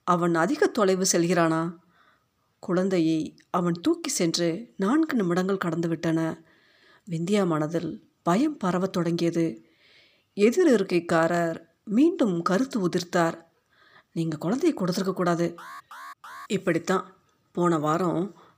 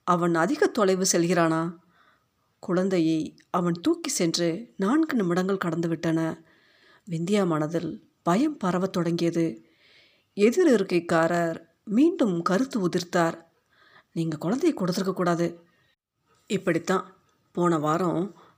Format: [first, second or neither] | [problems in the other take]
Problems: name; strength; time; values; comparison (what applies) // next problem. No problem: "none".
second | alarm; faint; at 16 s; peak 15 dB below the speech